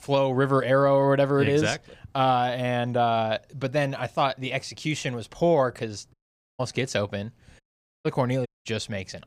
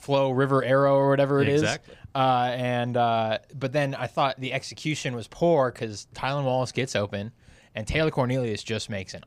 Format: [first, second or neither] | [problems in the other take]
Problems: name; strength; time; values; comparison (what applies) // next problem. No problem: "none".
second | audio cutting out; at 6 s, at 7.5 s and at 8.5 s